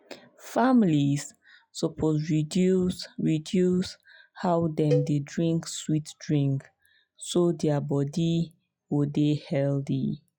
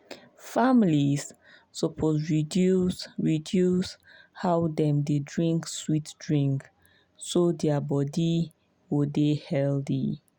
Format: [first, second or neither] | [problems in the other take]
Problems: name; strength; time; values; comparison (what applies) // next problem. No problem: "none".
second | noise reduction (classical method log-MMSE)